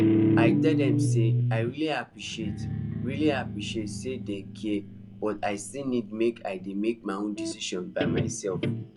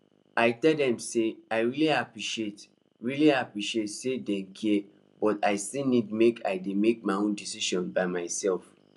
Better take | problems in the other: second | background sound (Guitar); 3 dB above the speech

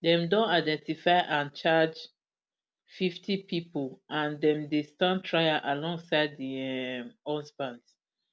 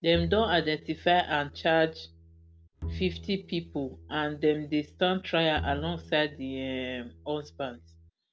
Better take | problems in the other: first | background sound (Bowed string instrument); 13 dB below the speech

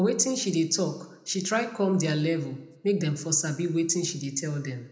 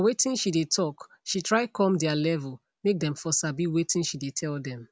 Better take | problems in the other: second | room echo; dies away in 0.7 s

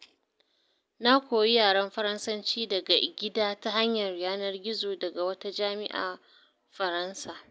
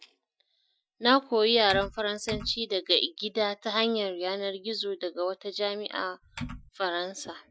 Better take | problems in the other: first | noise reduction (classical method Wiener filter)

